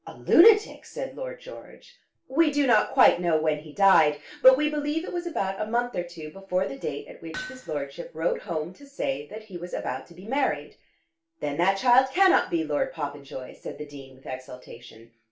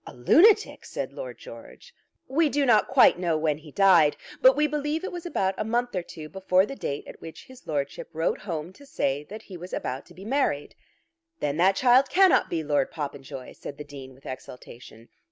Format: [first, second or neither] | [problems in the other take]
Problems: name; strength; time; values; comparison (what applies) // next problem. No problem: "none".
second | background sound (Hammer); 16 dB below the speech // room echo; dies away in 0.3 s